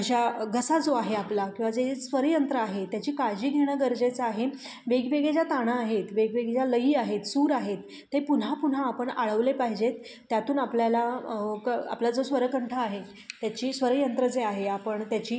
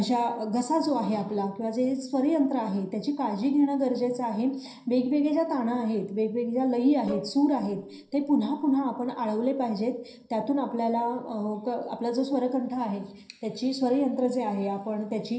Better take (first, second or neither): first